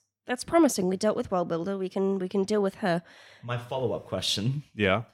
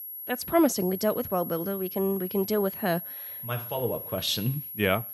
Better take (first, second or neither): first